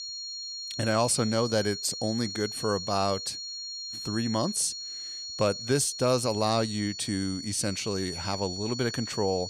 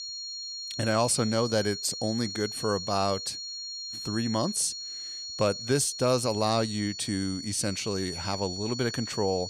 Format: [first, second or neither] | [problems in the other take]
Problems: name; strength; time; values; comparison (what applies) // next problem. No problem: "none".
neither | high-pitched whine; loud; throughout; 4.5 kHz, 6 dB below the speech; the same in both